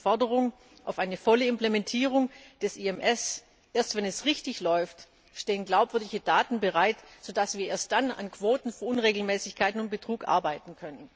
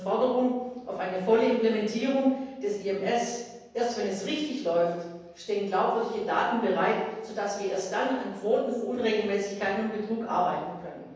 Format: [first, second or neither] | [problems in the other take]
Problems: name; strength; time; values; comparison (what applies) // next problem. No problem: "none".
first | room echo; dies away in 1.1 s